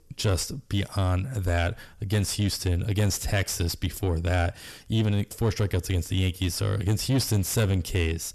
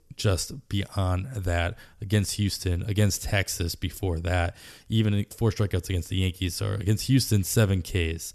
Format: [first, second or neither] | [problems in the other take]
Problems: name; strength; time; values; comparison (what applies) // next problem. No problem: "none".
second | distortion; slight; 10 dB below the speech